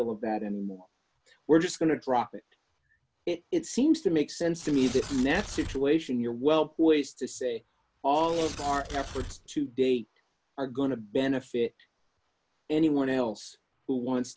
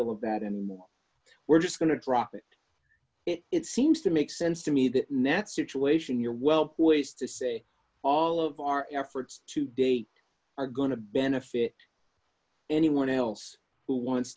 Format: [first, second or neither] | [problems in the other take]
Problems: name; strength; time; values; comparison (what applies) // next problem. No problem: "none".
second | background sound (Tearing); 11 dB below the speech